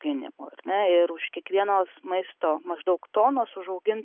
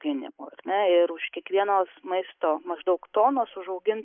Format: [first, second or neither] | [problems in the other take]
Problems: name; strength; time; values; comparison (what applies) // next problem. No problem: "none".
first | noise reduction (neural mask model Resemble Enhance denoiser)